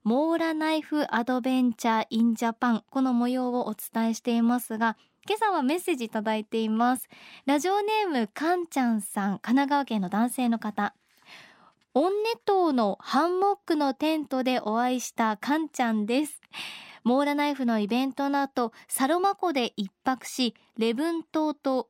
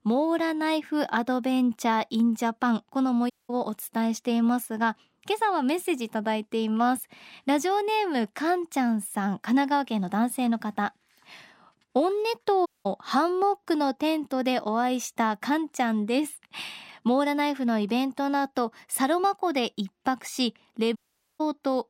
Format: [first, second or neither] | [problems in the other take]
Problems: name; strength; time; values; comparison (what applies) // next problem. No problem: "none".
first | audio cutting out; at 3.5 s, at 13 s and at 21 s